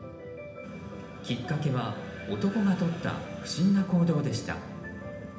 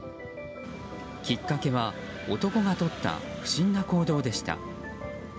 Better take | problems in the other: second | room echo; dies away in 0.8 s

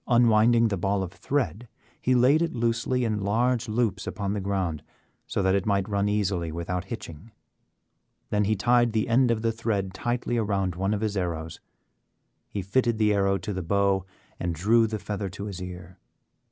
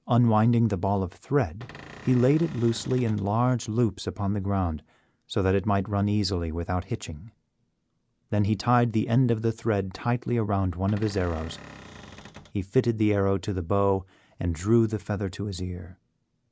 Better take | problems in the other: first | background sound (Cupboard open or close / Door); 18 dB below the speech

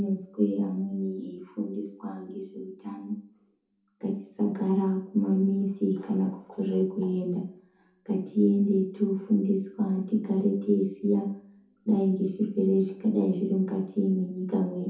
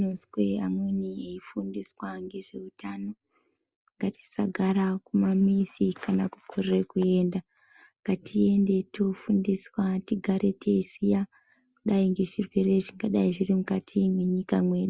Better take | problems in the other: second | room echo; dies away in 0.5 s

